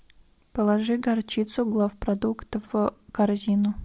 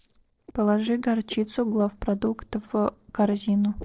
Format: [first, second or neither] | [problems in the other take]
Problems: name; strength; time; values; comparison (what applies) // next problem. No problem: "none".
first | noise reduction (neural separator model SepFormer DNS4)